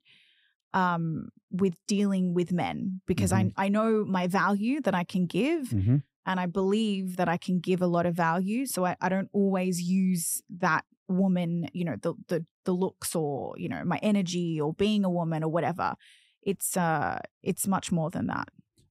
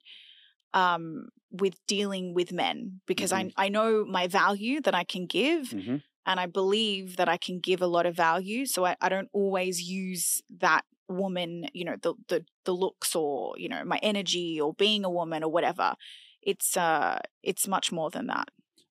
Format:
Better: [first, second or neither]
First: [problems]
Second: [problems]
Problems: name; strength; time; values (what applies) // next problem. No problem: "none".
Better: first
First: none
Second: thin; somewhat; fading below 300 Hz